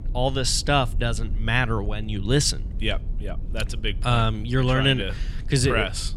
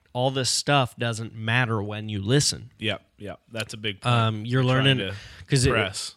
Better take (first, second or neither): second